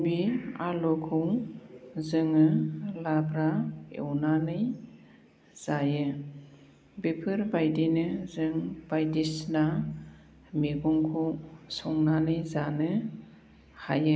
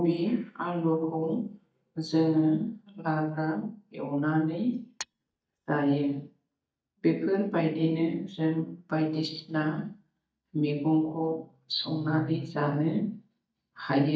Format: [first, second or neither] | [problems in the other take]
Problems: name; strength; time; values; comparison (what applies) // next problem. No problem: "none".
first | noise reduction (neural mask model DeepFilterNet 3)